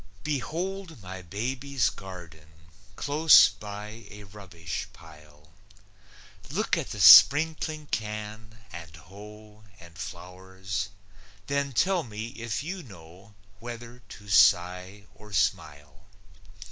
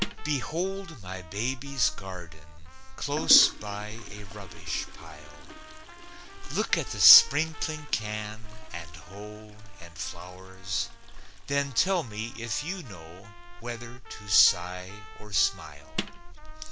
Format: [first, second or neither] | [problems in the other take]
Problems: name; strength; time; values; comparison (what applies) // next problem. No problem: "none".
first | background sound (Toilet flush + Trumpet); 15 dB below the speech